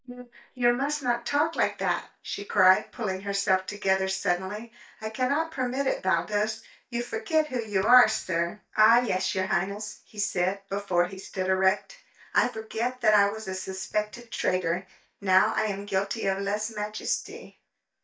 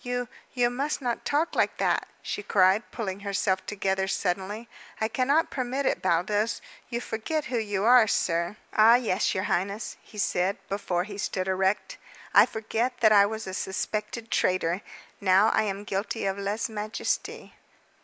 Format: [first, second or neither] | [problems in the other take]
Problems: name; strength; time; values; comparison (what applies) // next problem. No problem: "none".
second | noise reduction (neural mask model DeepFilterNet 3)